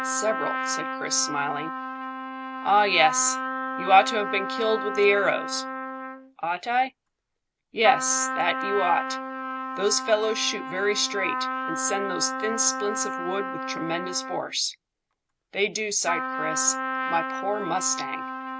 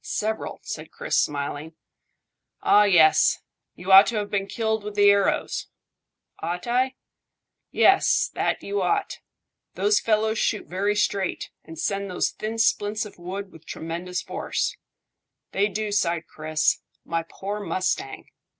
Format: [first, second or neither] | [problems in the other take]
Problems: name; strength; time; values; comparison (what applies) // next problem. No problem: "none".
second | background sound (Trumpet); 5 dB below the speech